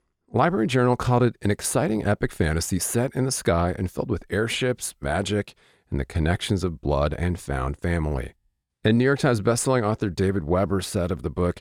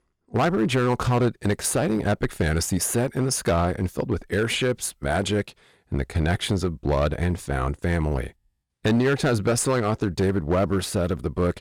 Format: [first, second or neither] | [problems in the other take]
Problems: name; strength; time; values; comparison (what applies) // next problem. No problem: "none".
first | distortion; slight; 6% of the sound clipped